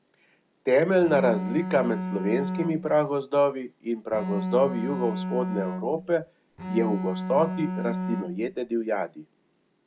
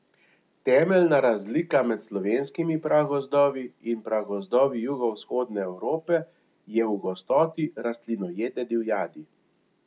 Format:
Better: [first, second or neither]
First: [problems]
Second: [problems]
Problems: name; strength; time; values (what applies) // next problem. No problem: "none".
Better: second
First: background sound (Bowed string instrument); 4 dB below the speech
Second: none